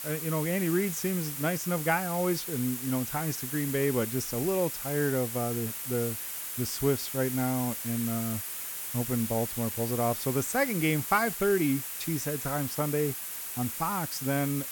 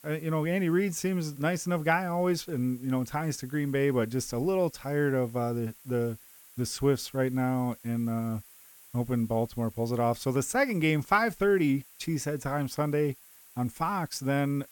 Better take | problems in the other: second | hiss; loud; throughout; 4 dB below the speech; faint in the second

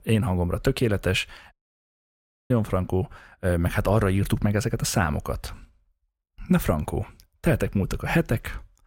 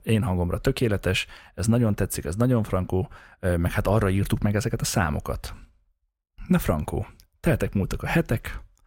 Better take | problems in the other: second | audio cutting out; at 1.5 s for 1 s

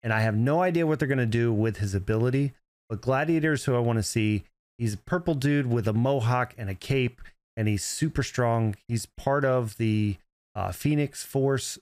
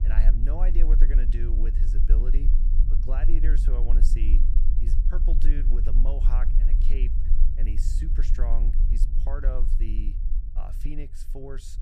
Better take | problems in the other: first | low rumble; loud; throughout; 5 dB below the speech

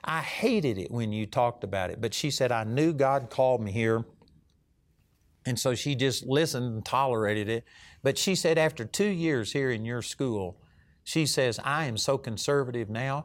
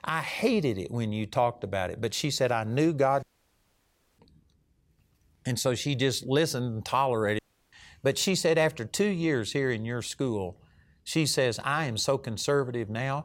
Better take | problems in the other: first | audio cutting out; at 3 s for 1 s and at 7.5 s

